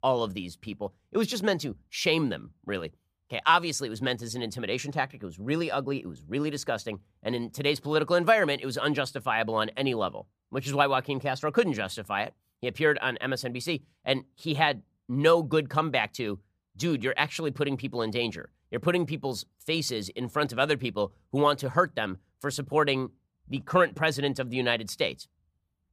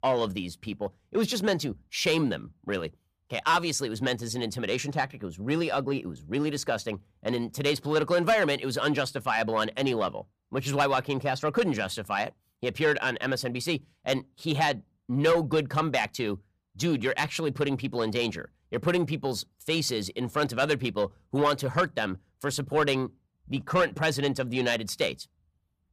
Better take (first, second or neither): first